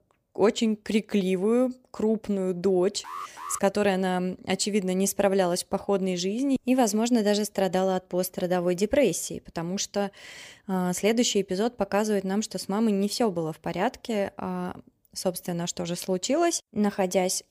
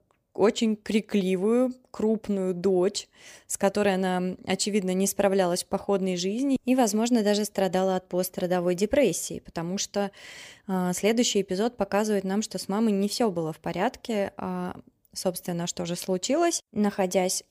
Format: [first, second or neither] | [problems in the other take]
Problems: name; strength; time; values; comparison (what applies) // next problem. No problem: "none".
second | alarm; faint; at 3 s; peak 10 dB below the speech